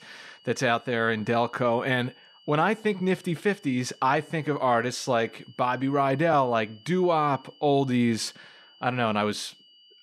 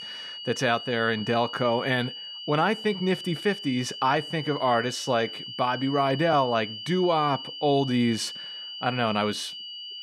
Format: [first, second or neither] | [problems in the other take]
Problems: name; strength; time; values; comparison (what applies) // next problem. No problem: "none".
first | high-pitched whine; loud; throughout; 3 kHz, 10 dB below the speech; faint in the first